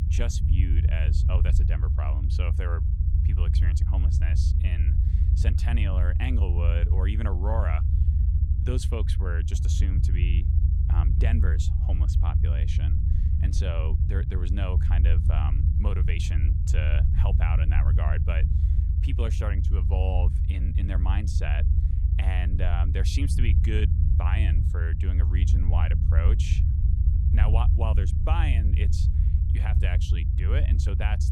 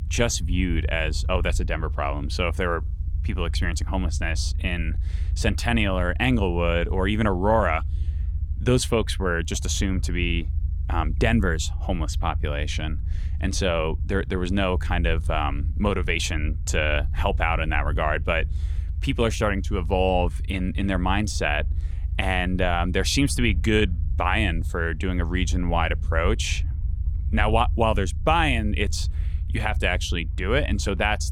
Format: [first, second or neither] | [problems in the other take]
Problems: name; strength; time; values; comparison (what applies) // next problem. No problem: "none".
second | low rumble; loud; throughout; 3 dB below the speech; faint in the second